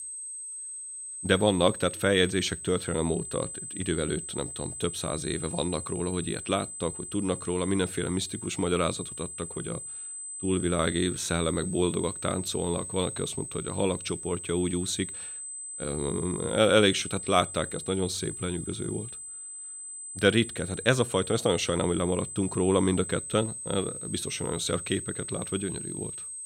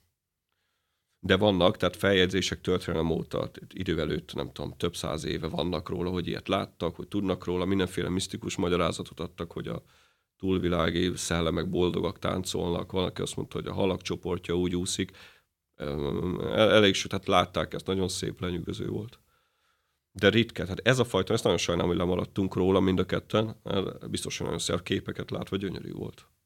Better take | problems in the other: second | high-pitched whine; loud; throughout; 8 kHz, 8 dB below the speech

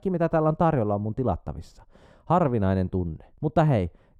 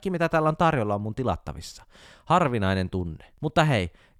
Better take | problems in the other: second | muffled; slightly; fading above 1.5 kHz

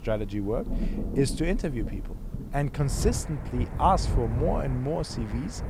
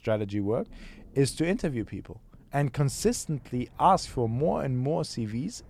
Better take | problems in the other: second | rain or running water; loud; throughout; 4 dB below the speech; faint in the second

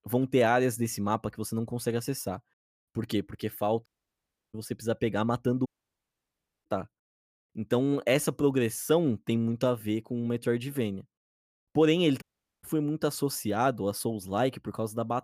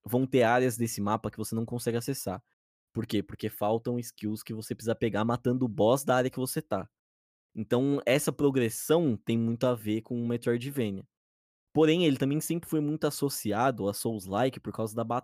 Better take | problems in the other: second | audio cutting out; at 4 s for 0.5 s, at 5.5 s for 1 s and at 12 s

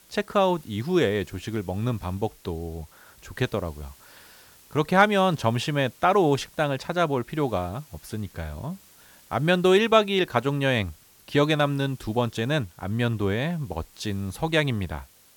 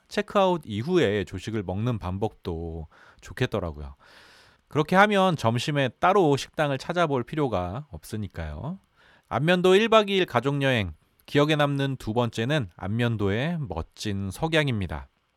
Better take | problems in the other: second | hiss; faint; throughout; 25 dB below the speech

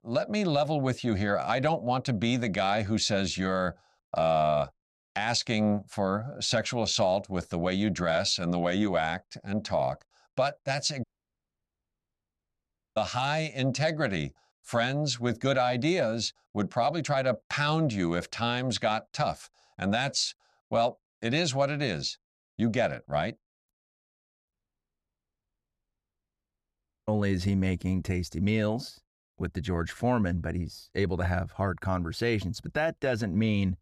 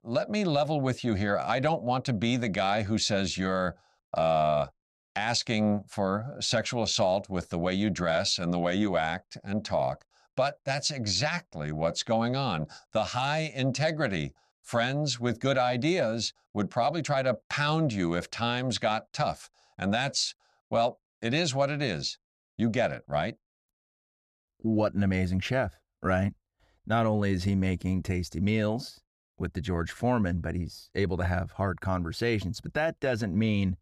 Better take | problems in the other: second | audio cutting out; at 11 s for 2 s and at 25 s for 2.5 s

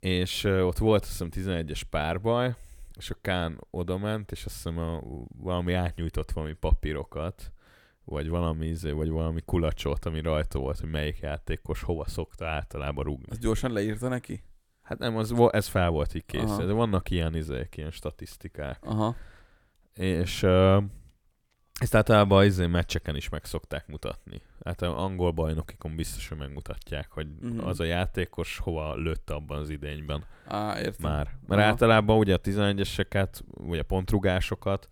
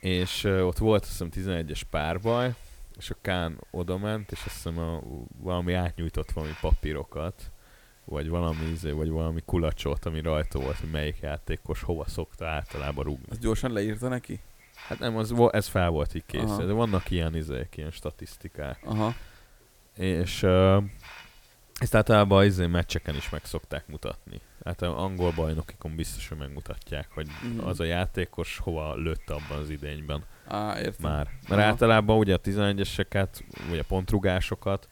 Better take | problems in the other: first | hiss; faint; throughout; 25 dB below the speech

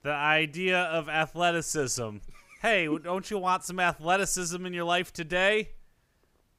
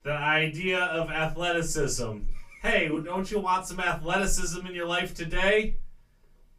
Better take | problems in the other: first | off-mic speech; far // room echo; very slight; dies away in 0.2 s

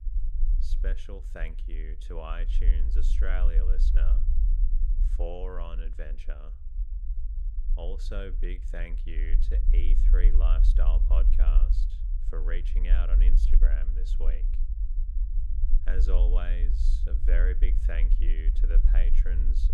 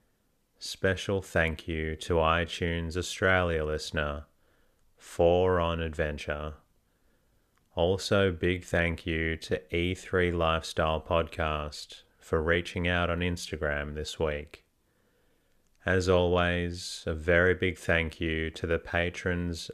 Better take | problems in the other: second | low rumble; loud; throughout; 9 dB below the speech

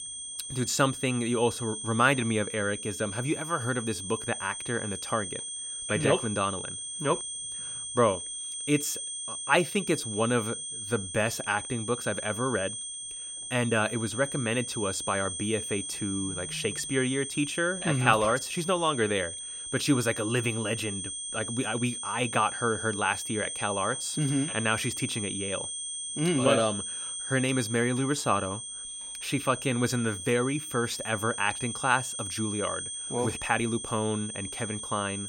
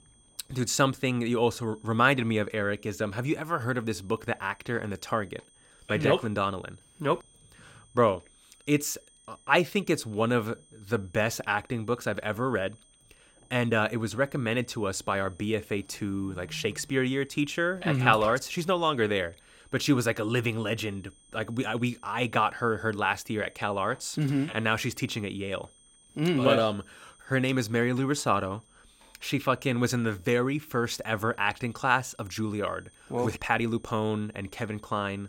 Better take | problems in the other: second | high-pitched whine; loud; throughout; 8.5 kHz, 5 dB below the speech; faint in the second

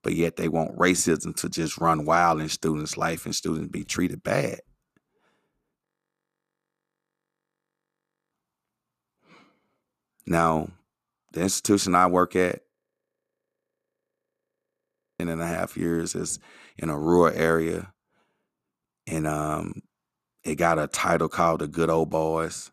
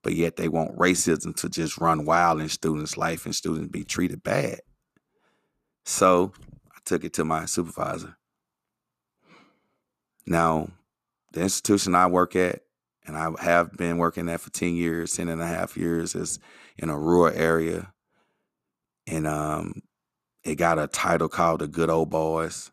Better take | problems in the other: second | audio freezing; at 6 s for 2.5 s and at 13 s for 2.5 s

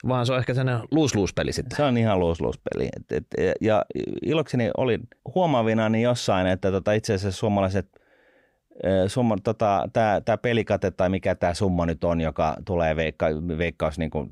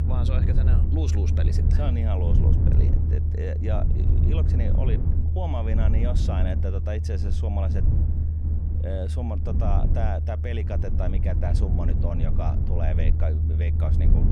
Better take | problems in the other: first | low rumble; loud; throughout; 3 dB below the speech

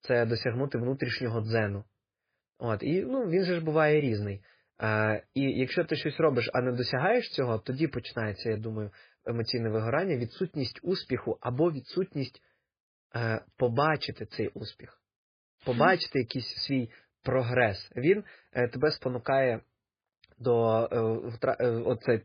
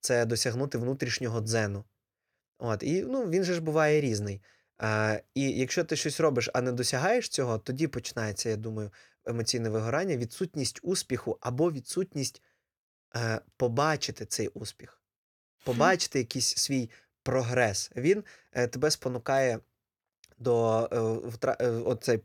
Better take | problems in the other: second | garbled, watery; badly; nothing above 5 kHz

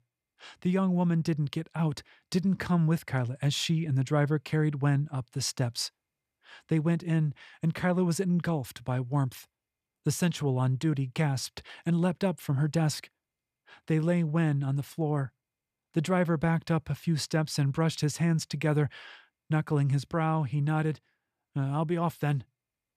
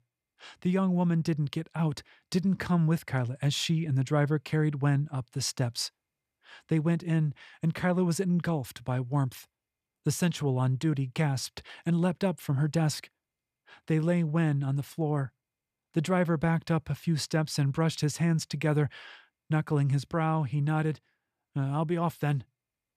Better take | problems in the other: neither | none

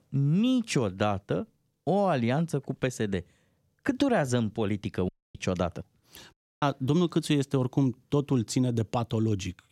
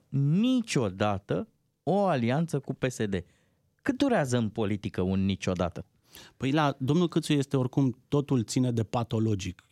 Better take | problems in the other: second | audio cutting out; at 5 s and at 6.5 s

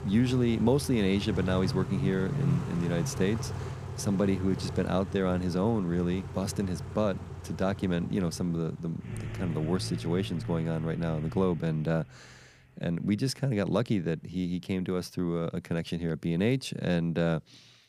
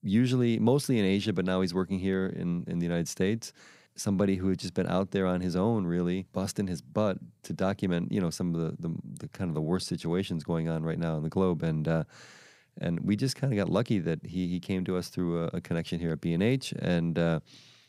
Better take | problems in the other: second | traffic noise; loud; throughout; 8 dB below the speech

